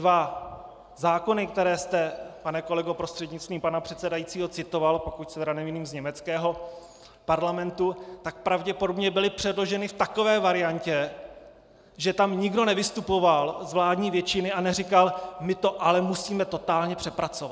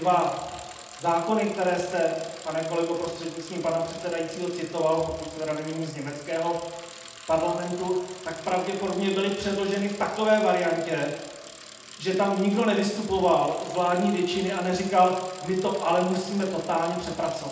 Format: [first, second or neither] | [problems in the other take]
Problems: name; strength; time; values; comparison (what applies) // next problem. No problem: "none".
first | background sound (Bicycle); 18 dB below the speech // room echo; dies away in 0.8 s